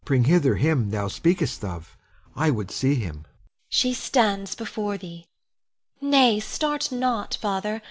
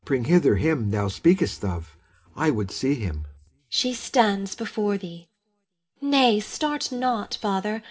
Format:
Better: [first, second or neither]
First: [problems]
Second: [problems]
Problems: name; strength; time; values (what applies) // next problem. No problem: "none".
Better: first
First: none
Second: room echo; dies away in 0.3 s